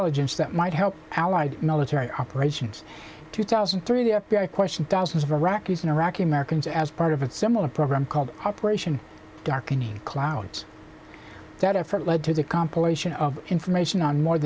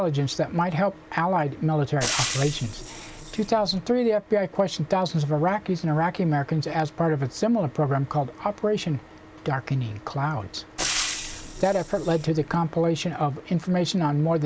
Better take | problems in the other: first | background sound (Frying (food)); 7 dB below the speech

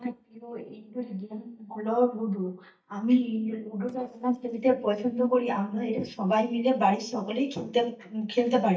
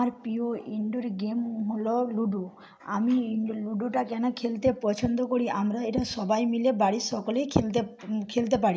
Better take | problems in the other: second | noise reduction (neural mask model DeepFilterNet 3)

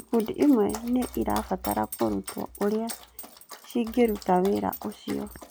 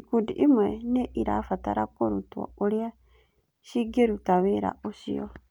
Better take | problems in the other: second | background sound (Dog); 16 dB below the speech

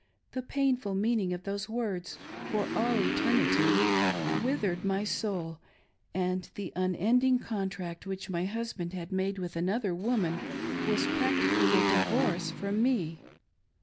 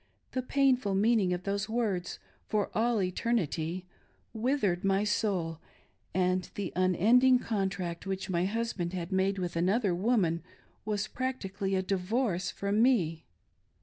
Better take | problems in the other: second | background sound (Motorcycle); as loud as the speech

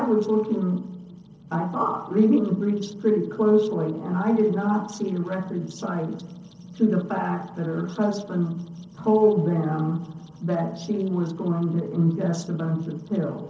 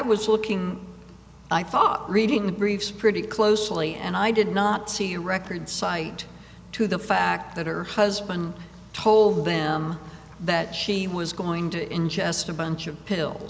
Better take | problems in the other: second | noise reduction (neural separator model SepFormer DNS4)

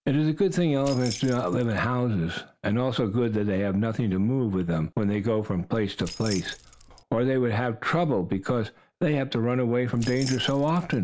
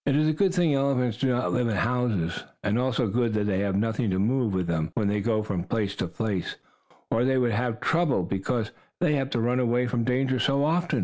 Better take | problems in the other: second | background sound (Keys jangling); 15 dB below the speech

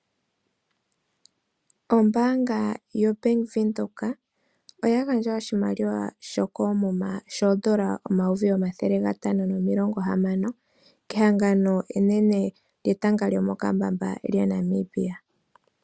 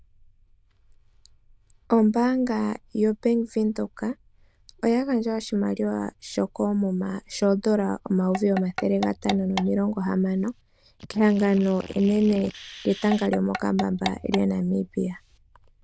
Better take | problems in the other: first | noise reduction (neural diffusion model UNIVERSE++)

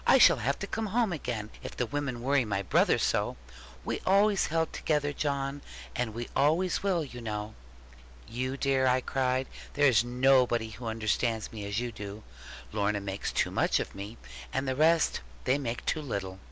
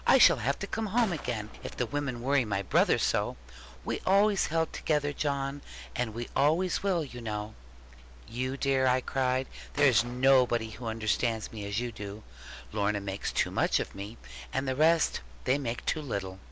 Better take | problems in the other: first | background sound (Gunshot, gunfire); 17 dB below the speech

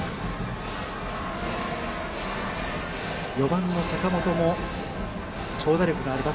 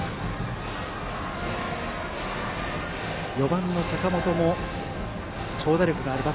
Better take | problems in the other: second | background sound (Electric guitar); 19 dB below the speech // room echo; dies away in 1.2 s

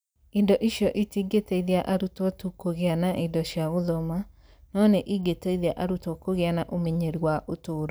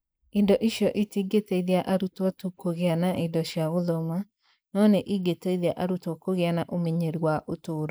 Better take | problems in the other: first | noise reduction (neural mask model Resemble Enhance denoiser)

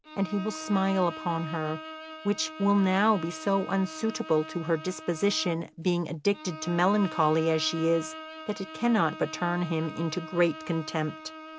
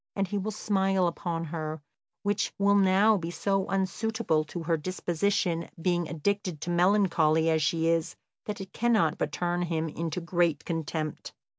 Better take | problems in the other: second | background sound (Bowed string instrument); 13 dB below the speech

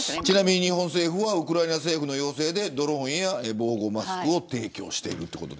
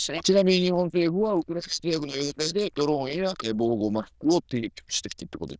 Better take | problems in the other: first | noise reduction (neural diffusion model UNIVERSE++)

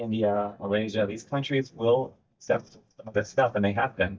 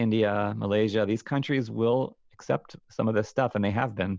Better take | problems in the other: second | noise reduction (neural mask model DeepFilterNet 3)

